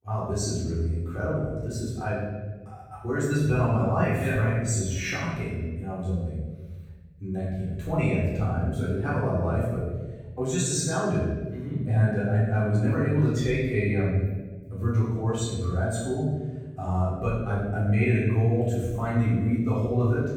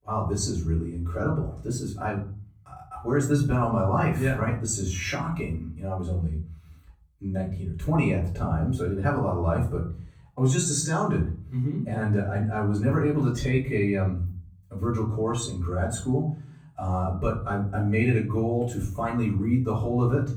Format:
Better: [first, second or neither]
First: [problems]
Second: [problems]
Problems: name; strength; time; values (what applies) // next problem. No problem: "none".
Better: second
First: room echo; strong; dies away in 1.2 s // off-mic speech; far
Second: room echo; slight; dies away in 0.4 s // off-mic speech; far